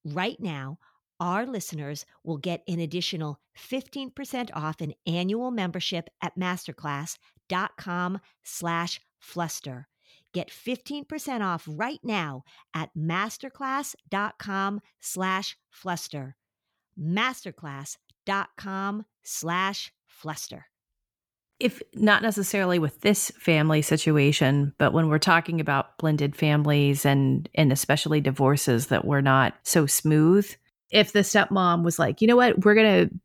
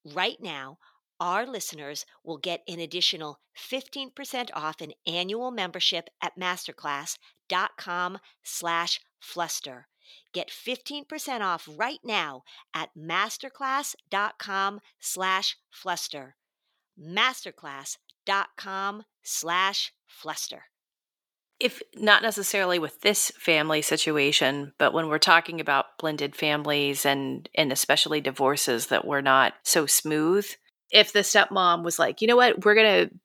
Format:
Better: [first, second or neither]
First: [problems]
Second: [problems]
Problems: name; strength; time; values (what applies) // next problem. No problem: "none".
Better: first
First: none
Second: thin; somewhat; fading below 400 Hz